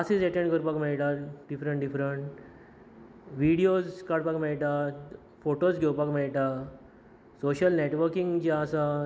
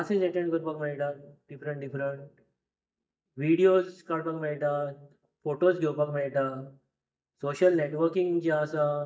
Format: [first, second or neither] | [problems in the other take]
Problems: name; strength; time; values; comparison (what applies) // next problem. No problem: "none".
first | noise reduction (neural mask model DeepFilterNet 3)